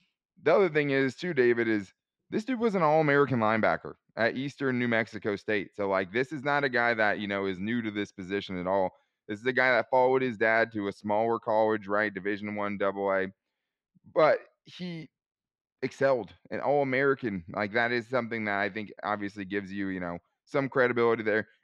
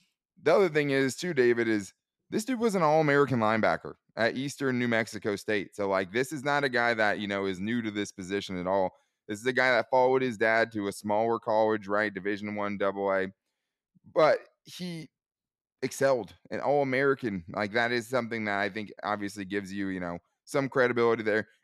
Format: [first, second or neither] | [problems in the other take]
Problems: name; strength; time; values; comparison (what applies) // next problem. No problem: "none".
second | muffled; very slightly; fading above 3 kHz